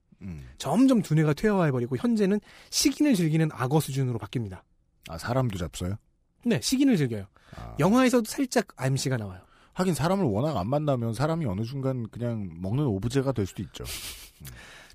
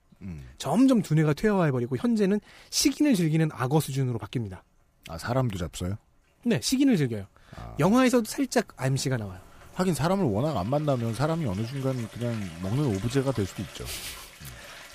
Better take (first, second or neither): first